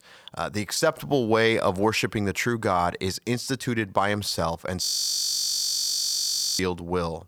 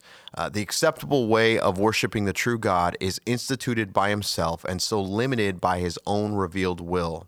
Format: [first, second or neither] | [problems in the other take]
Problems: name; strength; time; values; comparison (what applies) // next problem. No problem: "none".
second | audio freezing; at 5 s for 2 s